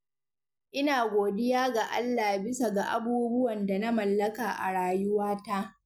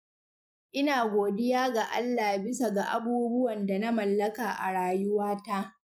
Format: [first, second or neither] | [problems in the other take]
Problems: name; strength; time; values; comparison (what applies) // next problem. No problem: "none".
first | noise reduction (neural mask model Resemble Enhance denoiser)